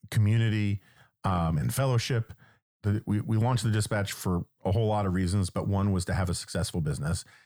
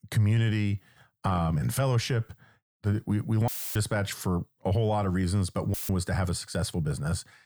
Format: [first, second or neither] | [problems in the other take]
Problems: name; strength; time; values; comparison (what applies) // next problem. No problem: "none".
first | audio cutting out; filled with static; at 3.5 s and at 5.5 s